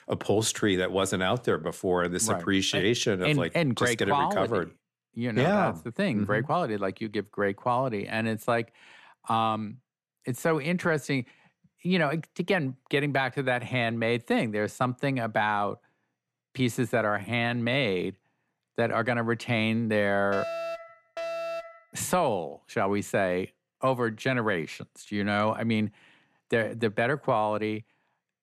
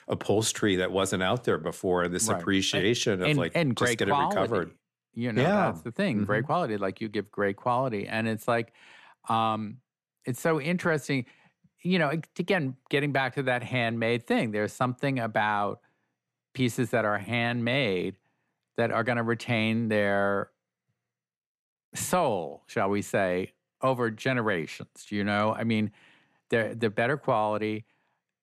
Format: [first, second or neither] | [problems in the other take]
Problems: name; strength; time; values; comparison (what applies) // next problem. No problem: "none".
second | alarm; noticeable; from 20 to 22 s; peak 5 dB below the speech